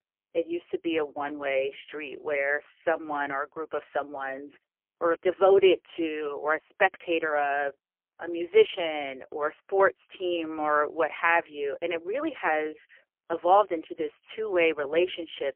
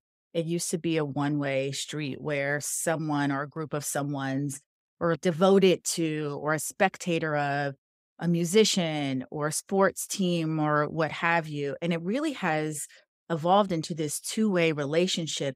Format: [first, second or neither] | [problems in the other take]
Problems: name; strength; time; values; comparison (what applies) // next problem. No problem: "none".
second | phone-call audio; poor line; nothing above 3 kHz